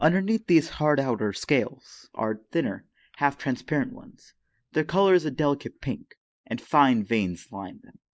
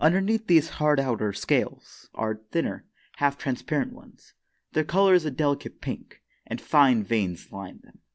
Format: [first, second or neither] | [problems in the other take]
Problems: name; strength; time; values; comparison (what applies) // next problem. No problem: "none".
second | noise reduction (neural mask model Resemble Enhance denoiser)